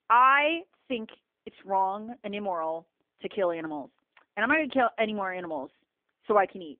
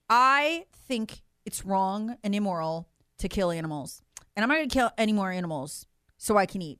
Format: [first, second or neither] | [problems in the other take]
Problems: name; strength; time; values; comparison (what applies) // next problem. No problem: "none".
second | phone-call audio; poor line; nothing above 3.5 kHz